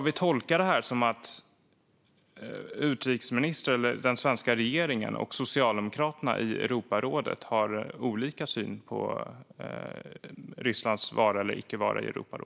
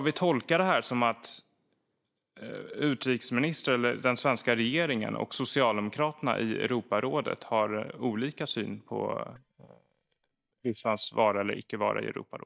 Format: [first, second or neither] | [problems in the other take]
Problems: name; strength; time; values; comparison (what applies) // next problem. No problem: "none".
first | noise reduction (neural mask model DeepFilterNet 3)